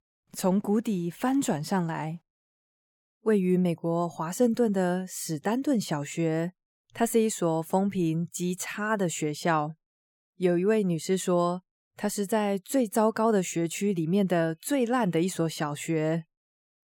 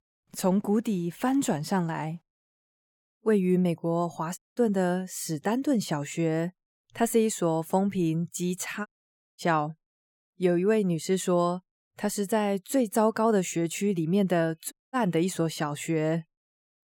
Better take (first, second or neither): first